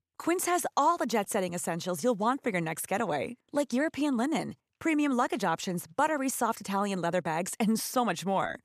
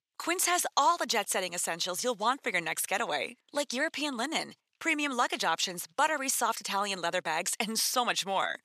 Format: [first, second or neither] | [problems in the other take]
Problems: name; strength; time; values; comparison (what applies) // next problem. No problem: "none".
first | thin; somewhat; fading below 850 Hz